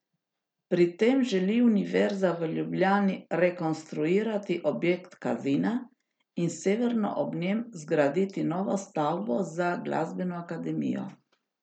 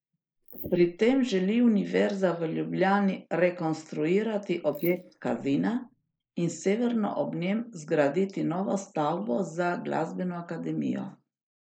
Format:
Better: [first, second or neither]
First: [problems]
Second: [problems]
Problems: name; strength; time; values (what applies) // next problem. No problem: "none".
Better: first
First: none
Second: noise reduction (neural mask model Resemble Enhance denoiser)